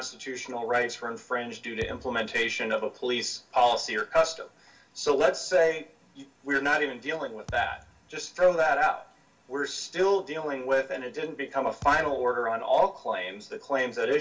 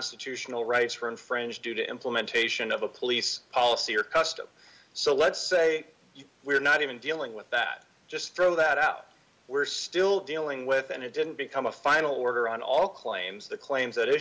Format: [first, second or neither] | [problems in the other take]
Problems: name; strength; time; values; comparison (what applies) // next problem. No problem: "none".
second | background sound (Thump, thud); 20 dB below the speech // room echo; dies away in 0.2 s